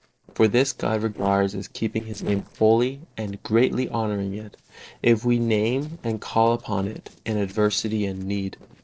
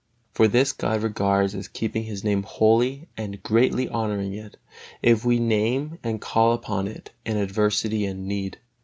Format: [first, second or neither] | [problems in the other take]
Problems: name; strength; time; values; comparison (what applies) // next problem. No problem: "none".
second | noise reduction (neural separator model SepFormer DNS4)